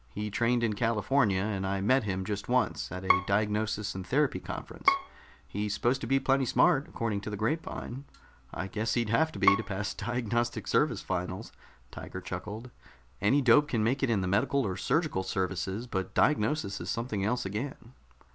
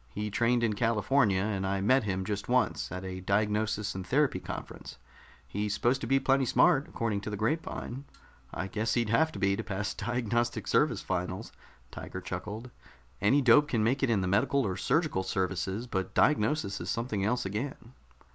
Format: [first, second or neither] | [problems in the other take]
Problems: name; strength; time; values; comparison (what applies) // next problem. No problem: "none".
second | background sound (Bowed string instrument); 5 dB below the speech